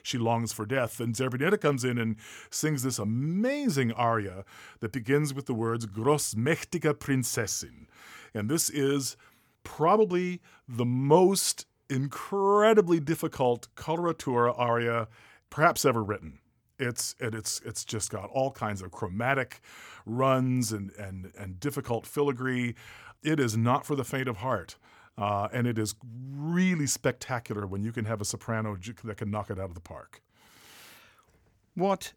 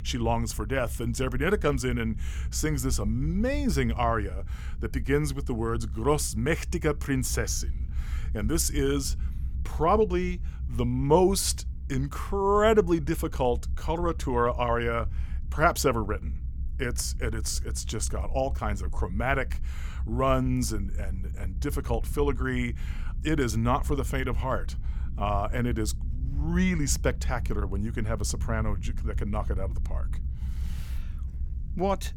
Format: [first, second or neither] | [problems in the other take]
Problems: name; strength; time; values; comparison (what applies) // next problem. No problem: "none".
first | low rumble; faint; throughout; 25 dB below the speech